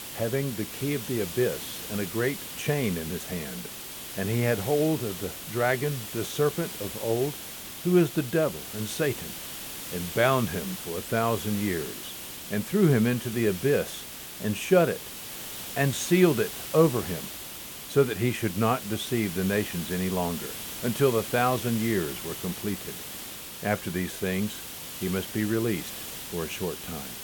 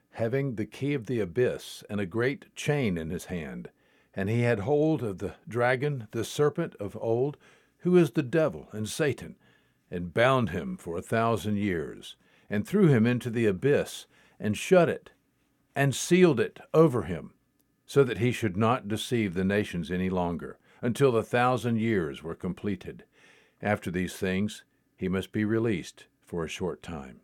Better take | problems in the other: second | hiss; loud; throughout; 8 dB below the speech

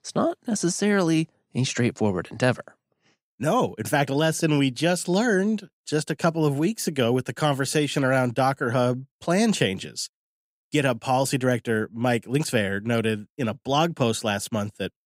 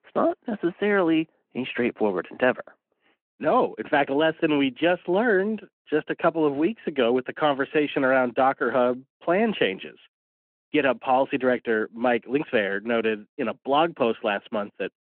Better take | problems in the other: first | phone-call audio

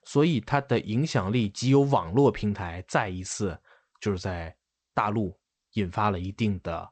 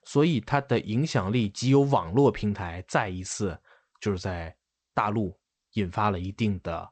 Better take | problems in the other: neither | garbled, watery; slightly; nothing above 8 kHz; the same in both

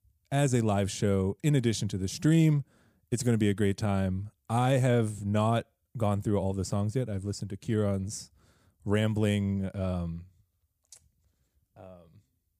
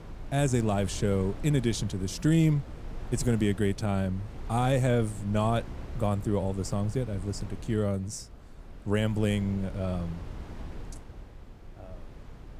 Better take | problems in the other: first | wind noise on the microphone; occasional gusts; 15 dB below the speech

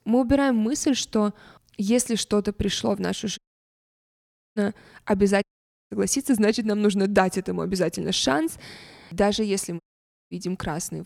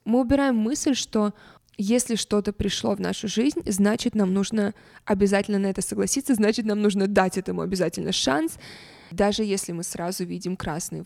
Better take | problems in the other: second | audio cutting out; at 3.5 s for 1 s, at 5.5 s and at 10 s for 0.5 s

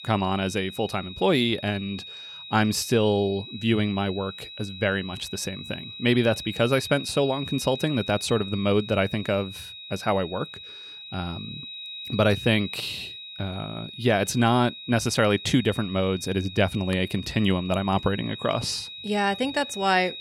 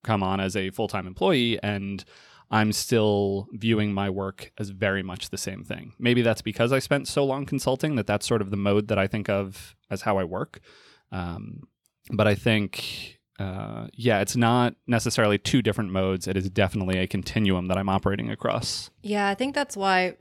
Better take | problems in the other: second | high-pitched whine; noticeable; throughout; 4 kHz, 10 dB below the speech

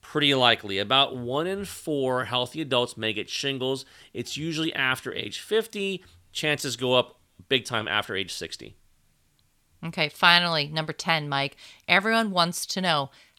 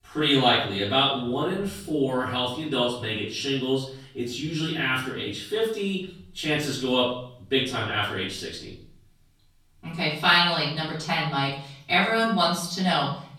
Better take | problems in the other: first | off-mic speech; far // room echo; noticeable; dies away in 0.6 s

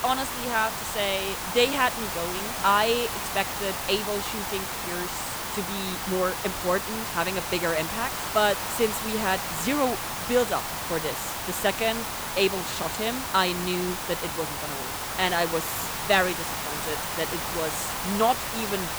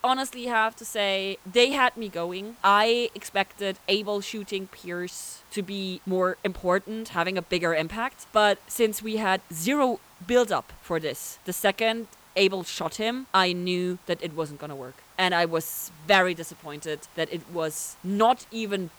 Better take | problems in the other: second | hiss; loud; throughout; 2 dB below the speech; faint in the second

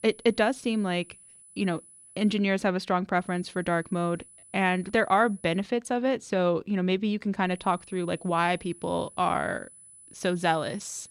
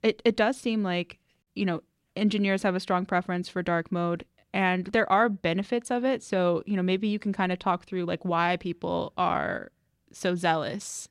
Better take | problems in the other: second | high-pitched whine; faint; until 2.5 s, from 3 to 5.5 s and from 7.5 s on; 10 kHz, 20 dB below the speech

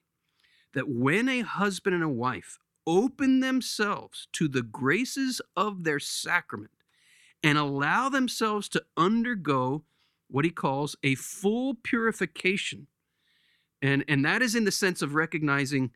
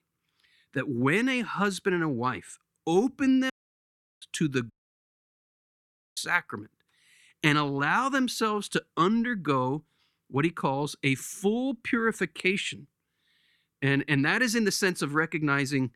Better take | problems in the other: first | audio cutting out; at 3.5 s for 0.5 s and at 4.5 s for 1.5 s

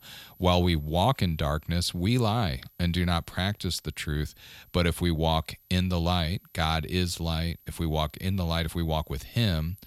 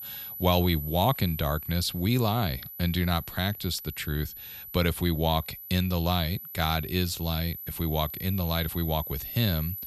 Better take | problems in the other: first | high-pitched whine; loud; throughout; 12 kHz, 9 dB below the speech; faint in the first

